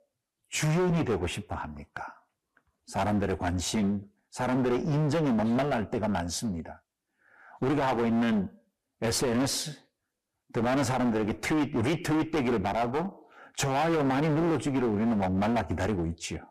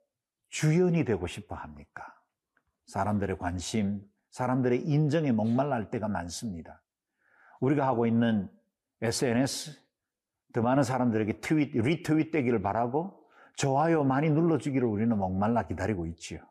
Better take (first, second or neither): second